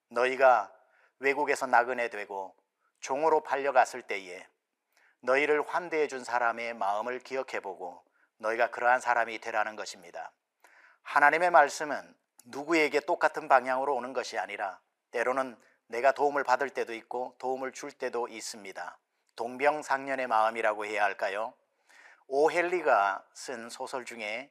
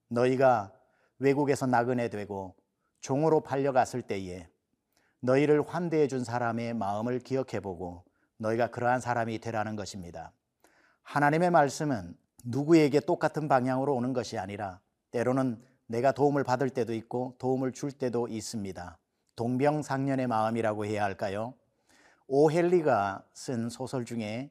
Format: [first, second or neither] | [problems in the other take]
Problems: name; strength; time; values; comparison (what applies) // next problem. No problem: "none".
second | thin; very; fading below 600 Hz